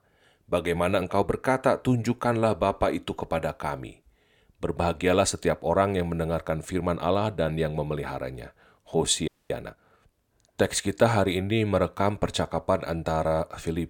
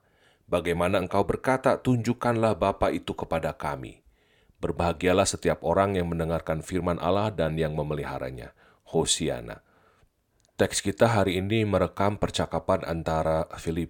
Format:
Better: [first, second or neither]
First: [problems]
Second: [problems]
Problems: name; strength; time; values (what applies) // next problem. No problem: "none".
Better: second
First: audio freezing; at 9.5 s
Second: none